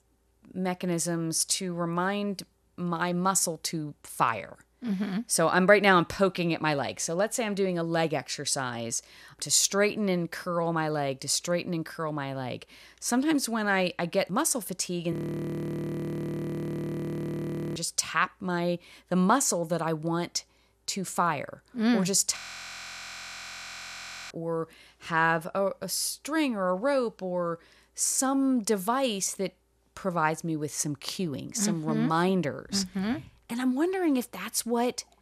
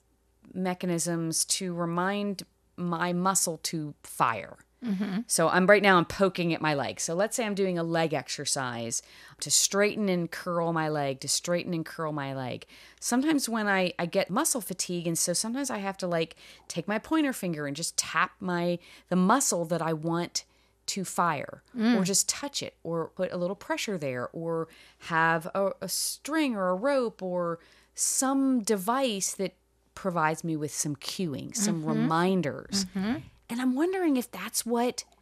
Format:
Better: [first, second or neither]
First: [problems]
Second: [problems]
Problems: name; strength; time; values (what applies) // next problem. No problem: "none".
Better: second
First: audio freezing; at 15 s for 2.5 s and at 22 s for 2 s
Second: none